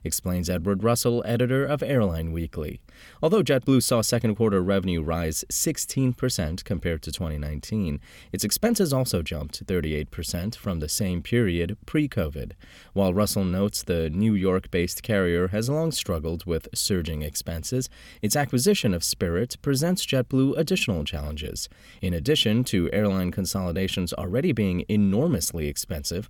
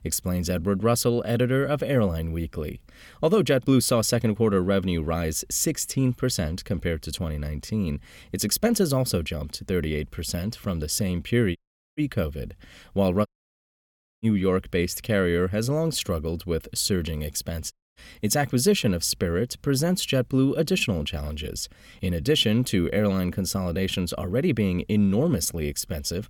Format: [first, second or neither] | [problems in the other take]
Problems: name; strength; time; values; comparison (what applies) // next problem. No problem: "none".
first | audio cutting out; at 12 s, at 13 s for 1 s and at 18 s